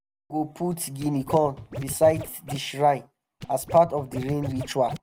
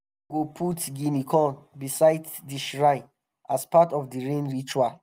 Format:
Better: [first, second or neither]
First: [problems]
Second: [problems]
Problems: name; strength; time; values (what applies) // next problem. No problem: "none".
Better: second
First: background sound (Scratching (performance technique)); 11 dB below the speech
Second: none